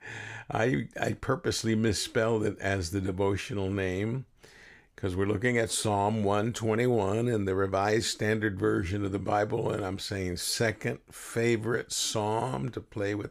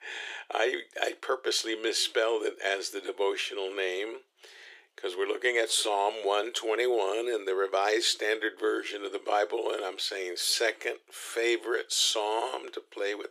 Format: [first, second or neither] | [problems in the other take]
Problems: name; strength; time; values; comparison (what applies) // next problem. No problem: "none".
first | thin; very; fading below 350 Hz